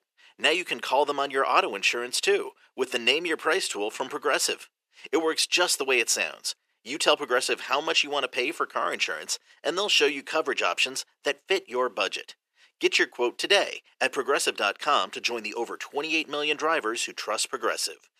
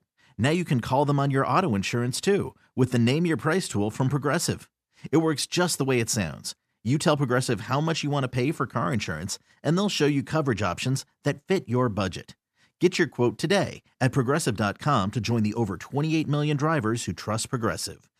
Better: second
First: thin; very; fading below 400 Hz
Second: none

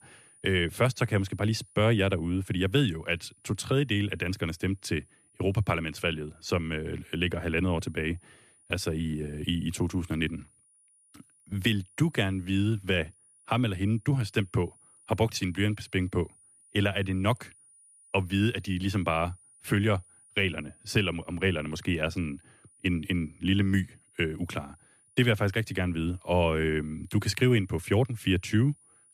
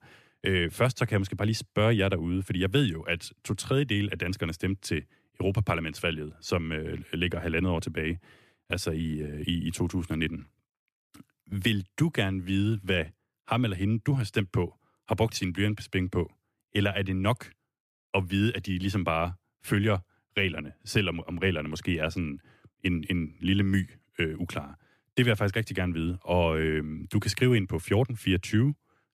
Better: second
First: high-pitched whine; faint; throughout; 9.5 kHz, 30 dB below the speech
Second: none

